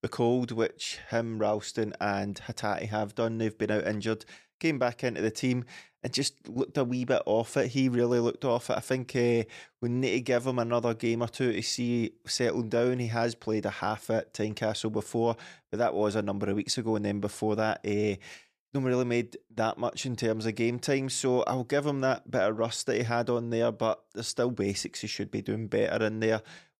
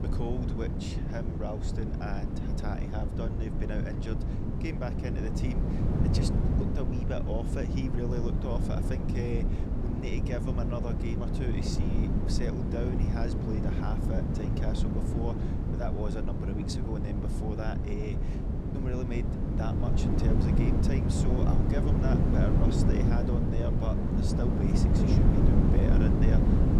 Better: first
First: none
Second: wind noise on the microphone; heavy; 2 dB above the speech

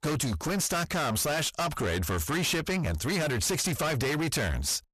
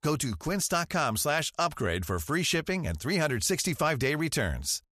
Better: second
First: distortion; heavy; 6 dB below the speech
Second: none

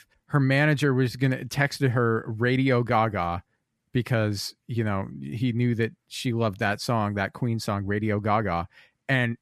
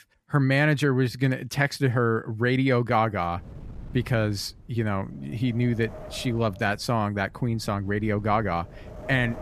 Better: first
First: none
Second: wind noise on the microphone; occasional gusts; from 3.5 s on; 20 dB below the speech

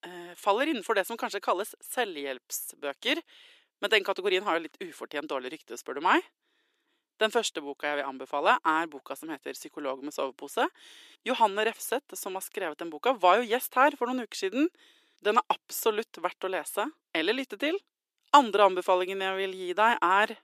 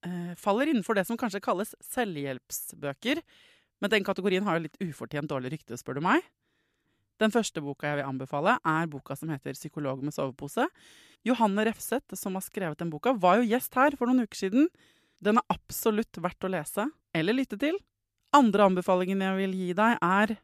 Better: second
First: thin; somewhat; fading below 350 Hz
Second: none

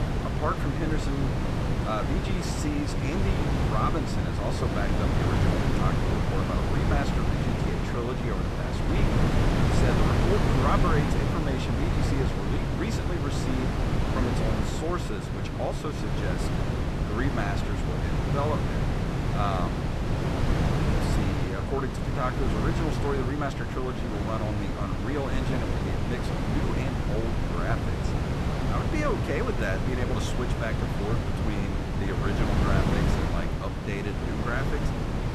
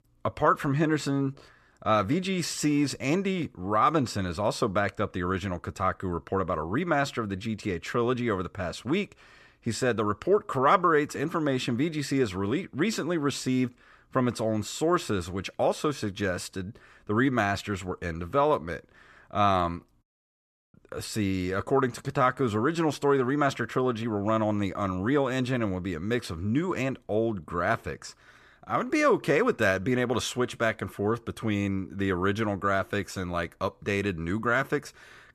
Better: second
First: wind noise on the microphone; heavy; 1 dB above the speech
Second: none

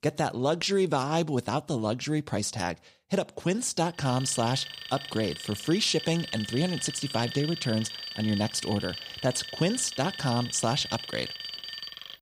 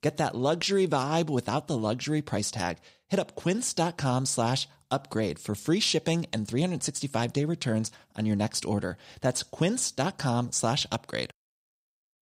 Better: second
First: alarm; noticeable; from 4 s on; peak 6 dB below the speech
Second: none

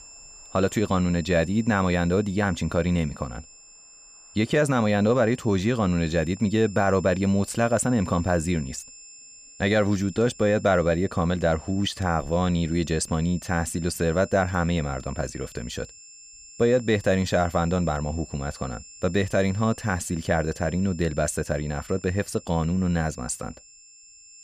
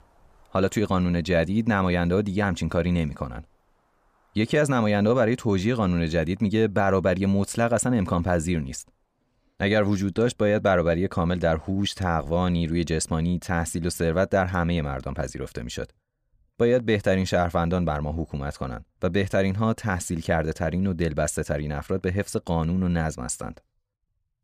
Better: second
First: high-pitched whine; noticeable; throughout; 7 kHz, 20 dB below the speech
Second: none

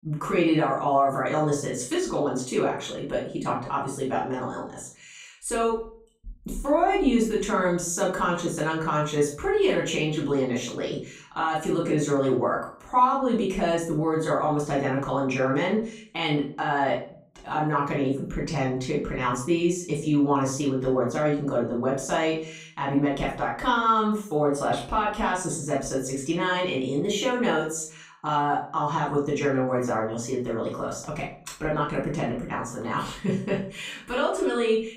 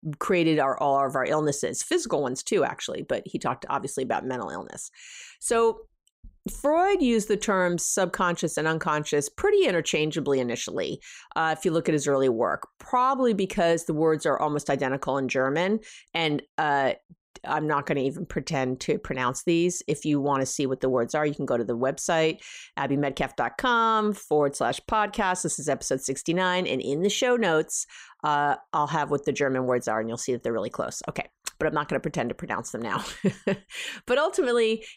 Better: second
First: off-mic speech; far // room echo; noticeable; dies away in 0.4 s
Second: none

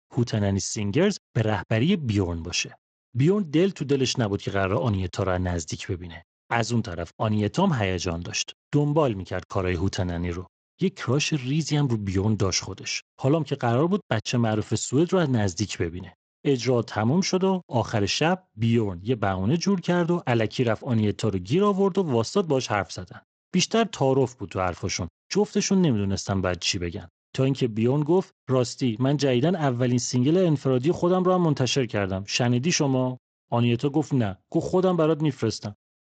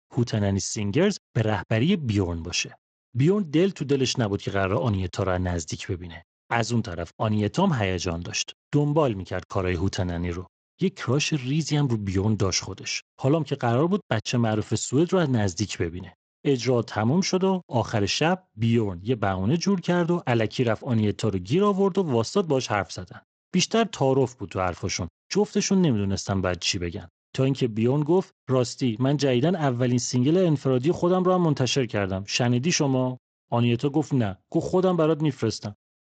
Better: neither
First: garbled, watery; slightly; nothing above 7.5 kHz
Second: garbled, watery; slightly; nothing above 7.5 kHz

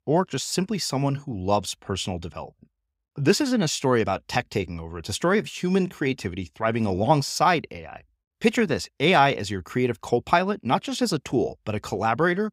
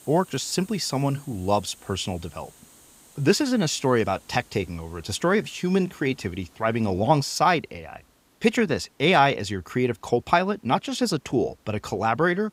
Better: first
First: none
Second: hiss; faint; throughout; 30 dB below the speech

